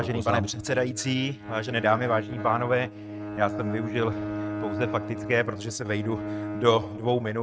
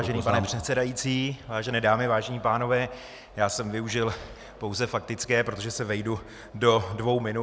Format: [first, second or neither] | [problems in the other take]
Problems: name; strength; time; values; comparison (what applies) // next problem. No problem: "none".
second | noise reduction (neural mask model RNNoise)